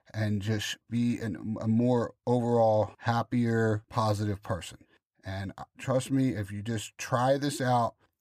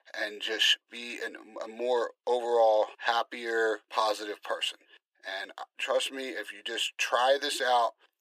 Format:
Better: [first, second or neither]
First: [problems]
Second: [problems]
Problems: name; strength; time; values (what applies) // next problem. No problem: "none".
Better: first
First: none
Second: thin; very; fading below 350 Hz